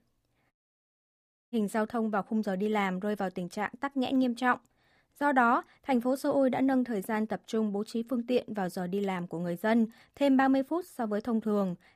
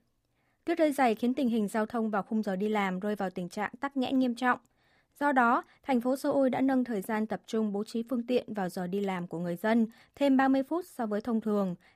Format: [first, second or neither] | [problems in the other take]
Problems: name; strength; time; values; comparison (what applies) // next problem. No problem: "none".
second | audio cutting out; at 0.5 s for 1 s